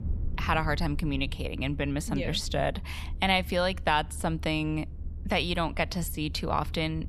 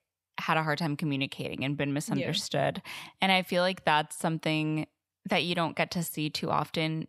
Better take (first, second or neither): second